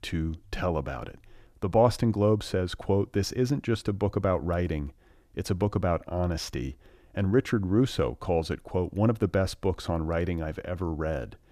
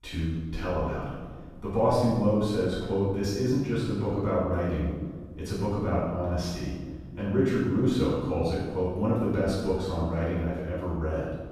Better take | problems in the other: first | off-mic speech; far // room echo; strong; dies away in 1.3 s

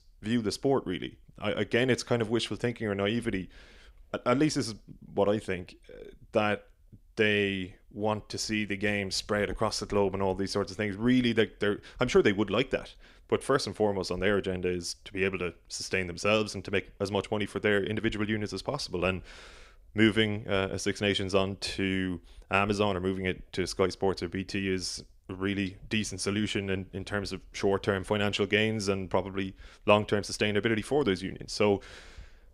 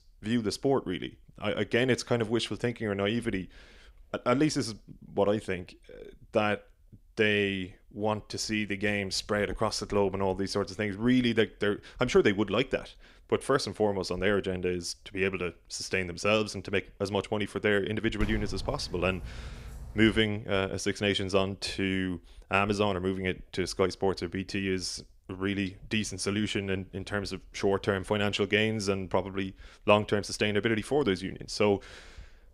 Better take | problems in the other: first | dog barking; noticeable; from 18 to 20 s; peak 8 dB below the speech

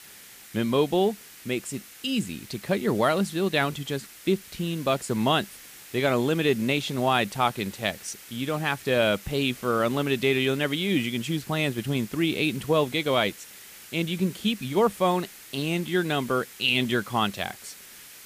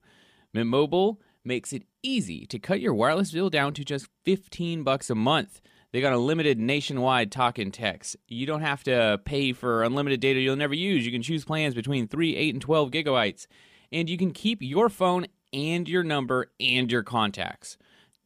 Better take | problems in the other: second | hiss; noticeable; throughout; 20 dB below the speech

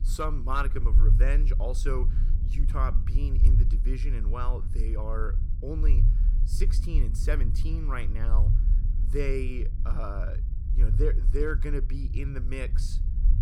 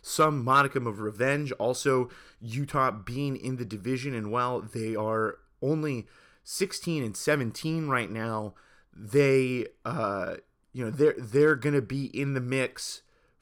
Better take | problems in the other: second | low rumble; noticeable; throughout; 10 dB below the speech

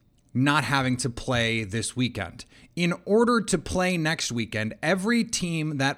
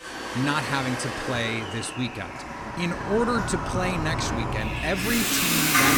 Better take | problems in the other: first | household noises; very loud; throughout; 1 dB above the speech

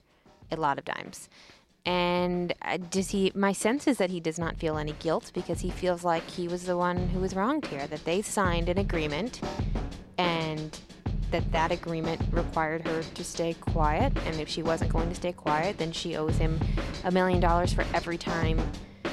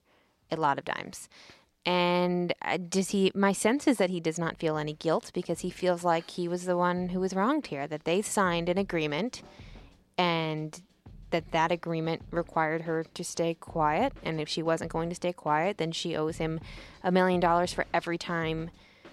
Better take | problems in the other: second | background music; loud; throughout; 5 dB below the speech; faint in the second

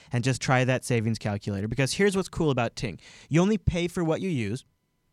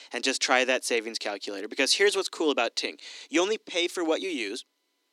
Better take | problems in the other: first | thin; somewhat; fading below 300 Hz

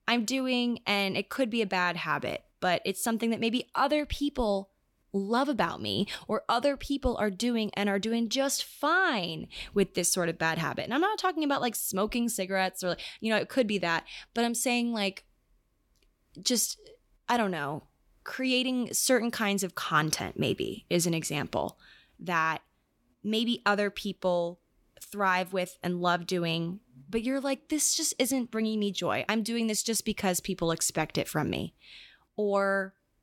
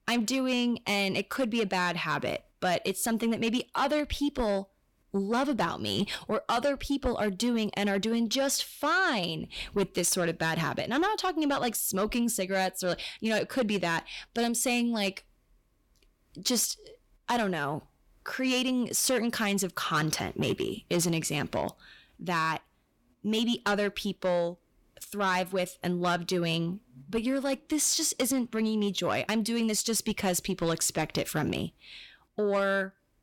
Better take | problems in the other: first | distortion; slight; 10 dB below the speech

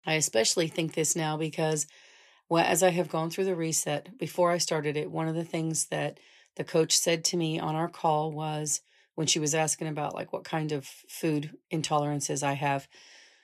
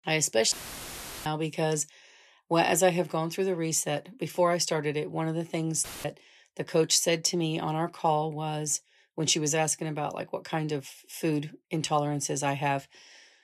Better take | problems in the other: first | audio cutting out; filled with static; at 0.5 s for 0.5 s and at 6 s

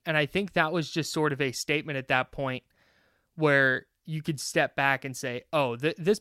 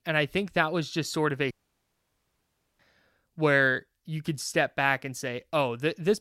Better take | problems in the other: first | audio cutting out; at 1.5 s for 1.5 s

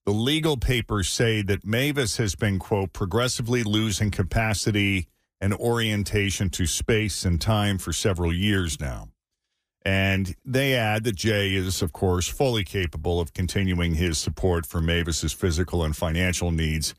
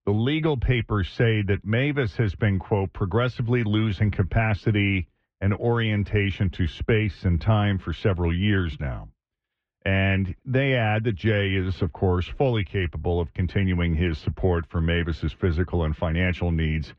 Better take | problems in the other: first | muffled; very; fading above 3 kHz

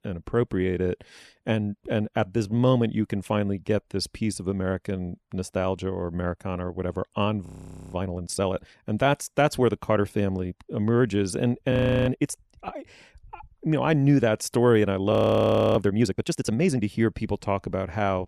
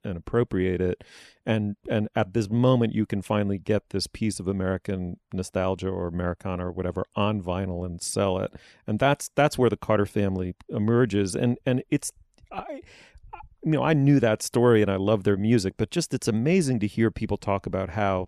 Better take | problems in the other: second | audio freezing; at 7.5 s, at 12 s and at 15 s for 0.5 s

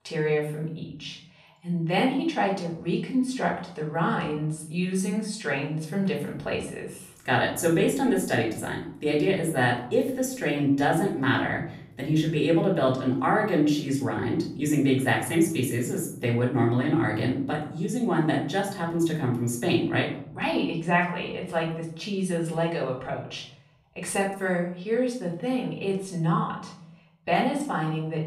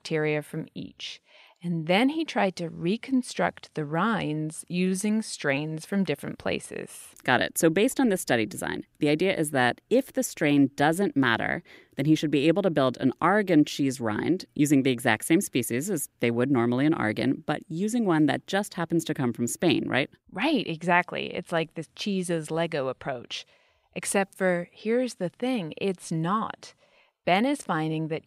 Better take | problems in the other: second | off-mic speech; far // room echo; slight; dies away in 0.7 s

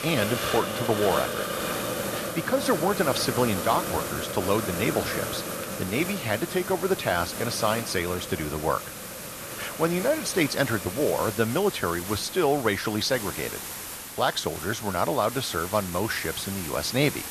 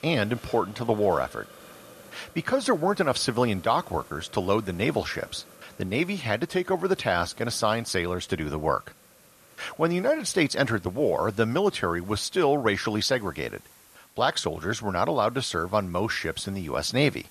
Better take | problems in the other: second | hiss; loud; throughout; 5 dB below the speech; faint in the second

